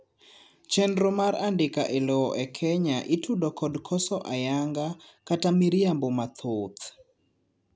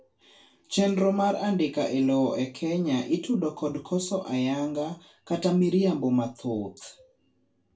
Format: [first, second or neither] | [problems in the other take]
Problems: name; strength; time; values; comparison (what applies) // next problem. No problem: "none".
first | room echo; dies away in 0.2 s